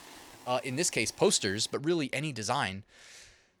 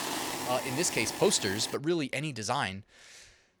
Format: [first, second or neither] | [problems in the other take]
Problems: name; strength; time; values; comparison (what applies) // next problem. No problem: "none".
first | hiss; loud; until 2 s; 6 dB below the speech; faint in the first